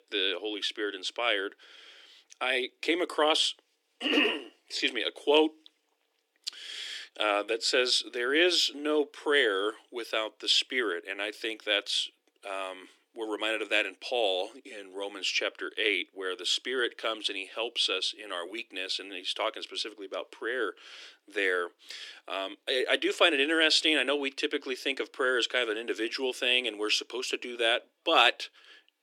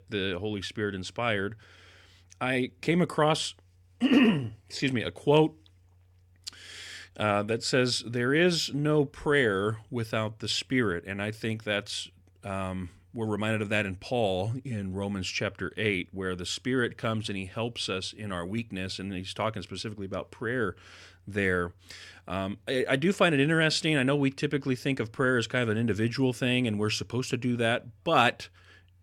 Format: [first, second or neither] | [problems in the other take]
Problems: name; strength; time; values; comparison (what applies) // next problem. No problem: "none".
second | thin; somewhat; fading below 300 Hz